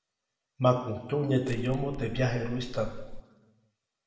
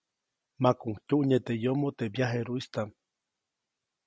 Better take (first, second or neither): second